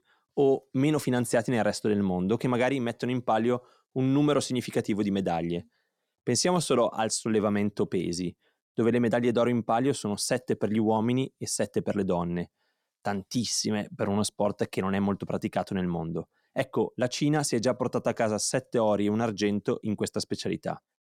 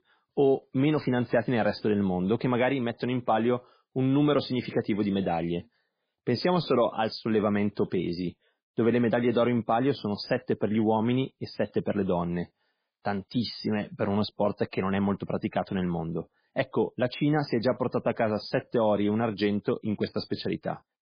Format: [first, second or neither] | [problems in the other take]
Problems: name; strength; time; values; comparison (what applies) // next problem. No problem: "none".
first | garbled, watery; badly; nothing above 5 kHz